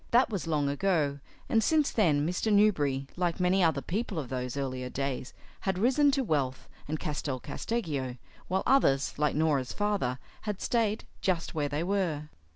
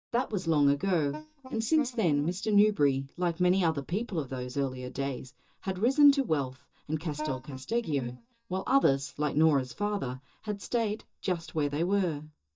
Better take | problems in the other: first | noise reduction (neural mask model DeepFilterNet 3)

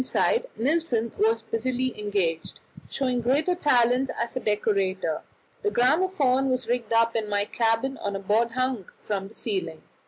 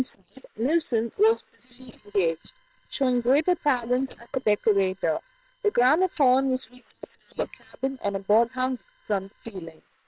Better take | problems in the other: first | noise reduction (neural separator model SepFormer WHAM!)

